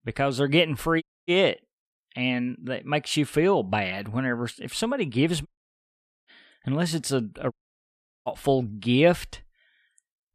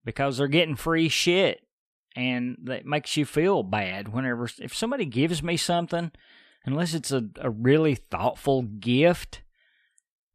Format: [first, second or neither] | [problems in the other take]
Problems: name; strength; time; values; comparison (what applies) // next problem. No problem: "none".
second | audio cutting out; at 1 s, at 5.5 s for 1 s and at 7.5 s for 0.5 s